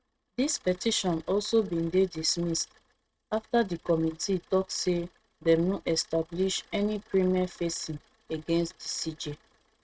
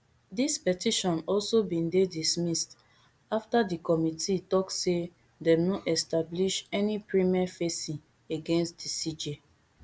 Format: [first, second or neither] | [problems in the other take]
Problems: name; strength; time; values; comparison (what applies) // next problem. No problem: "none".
second | noise reduction (neural mask model RNNoise)